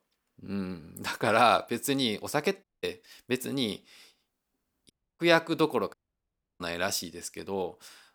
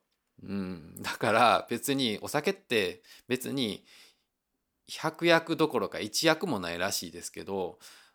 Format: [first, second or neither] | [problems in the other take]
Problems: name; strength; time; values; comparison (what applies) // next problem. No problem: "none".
second | audio cutting out; at 2.5 s, at 5 s and at 6 s for 0.5 s